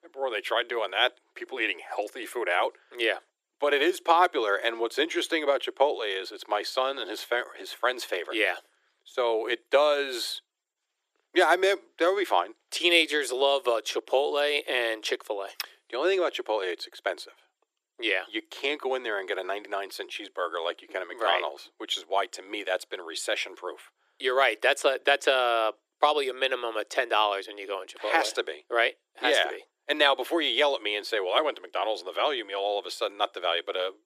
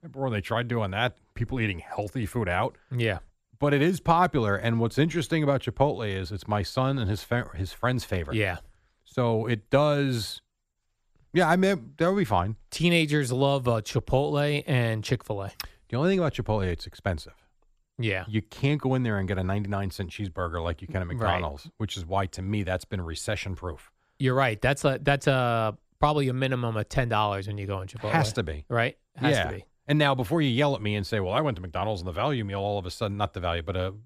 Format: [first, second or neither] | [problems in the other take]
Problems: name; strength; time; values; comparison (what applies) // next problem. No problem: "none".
second | thin; very; fading below 350 Hz